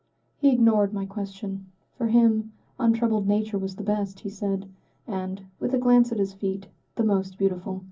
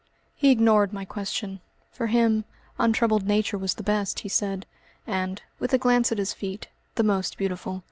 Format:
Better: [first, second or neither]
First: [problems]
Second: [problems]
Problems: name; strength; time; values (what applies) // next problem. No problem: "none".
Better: second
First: room echo; dies away in 0.4 s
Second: none